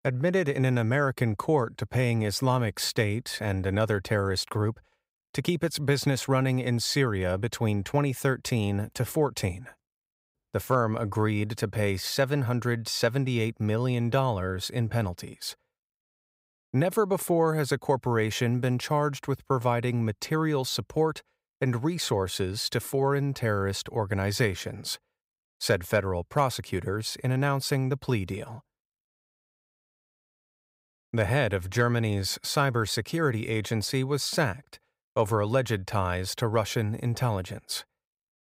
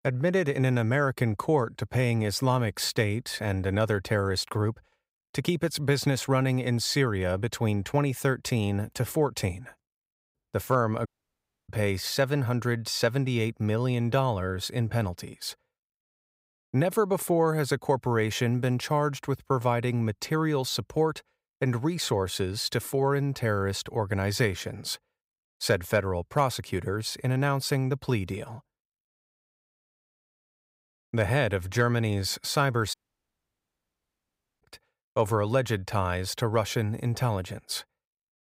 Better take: first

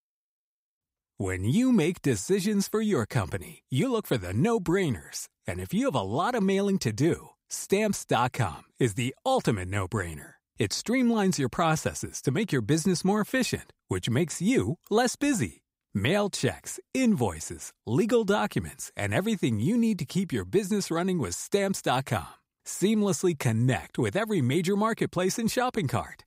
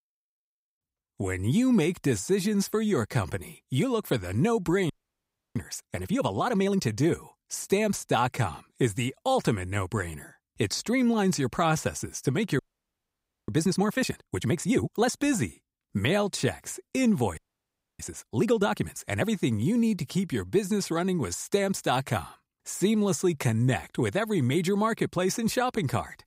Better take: first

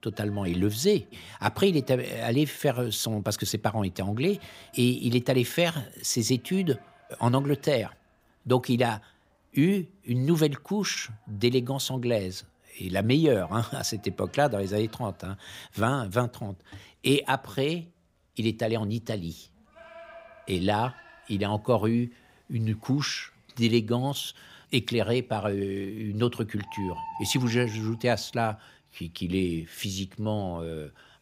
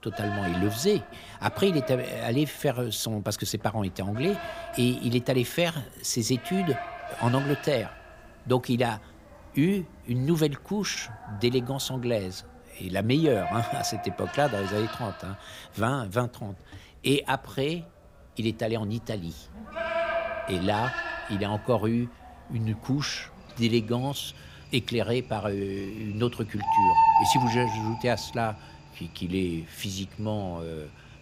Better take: first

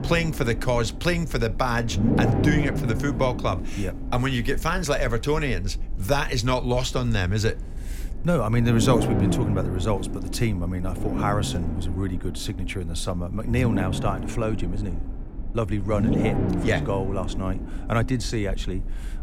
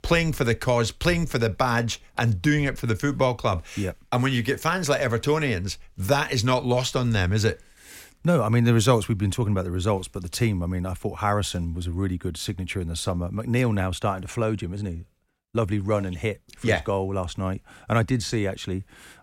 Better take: second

